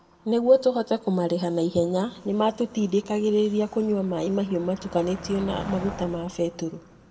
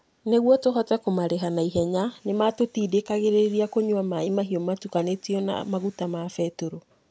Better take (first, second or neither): second